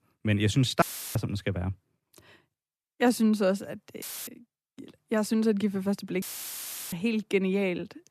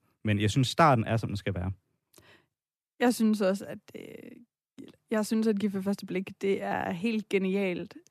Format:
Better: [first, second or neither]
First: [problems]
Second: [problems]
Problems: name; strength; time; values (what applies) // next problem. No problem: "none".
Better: second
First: audio cutting out; filled with static; at 1 s, at 4 s and at 6 s for 0.5 s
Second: none